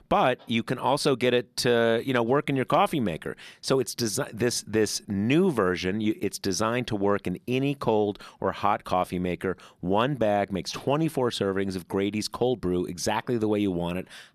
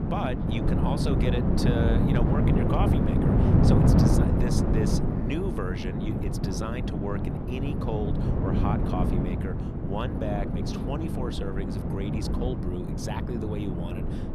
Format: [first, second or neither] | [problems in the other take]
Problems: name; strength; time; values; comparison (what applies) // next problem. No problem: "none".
first | wind noise on the microphone; heavy; 2 dB above the speech